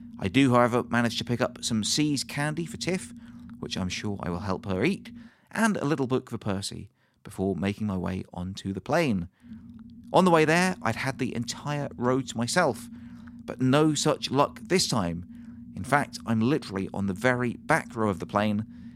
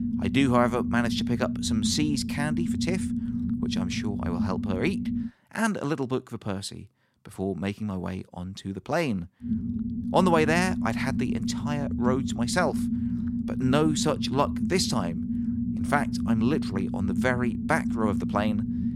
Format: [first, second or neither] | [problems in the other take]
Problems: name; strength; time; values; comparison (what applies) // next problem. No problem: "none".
first | low rumble; loud; until 5.5 s and from 9.5 s on; 7 dB below the speech; faint in the first